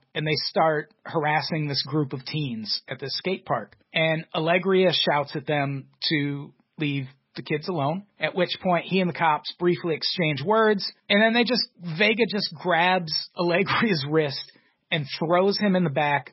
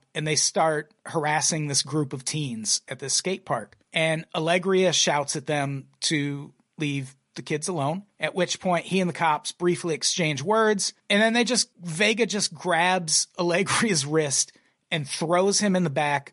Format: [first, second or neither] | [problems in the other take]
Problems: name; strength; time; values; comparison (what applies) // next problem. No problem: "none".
second | garbled, watery; badly; nothing above 5.5 kHz; slightly in the second